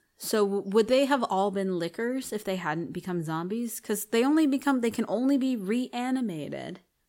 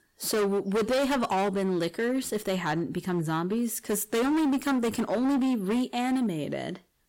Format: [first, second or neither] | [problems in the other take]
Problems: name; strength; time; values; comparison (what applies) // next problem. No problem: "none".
first | distortion; heavy; 19% of the sound clipped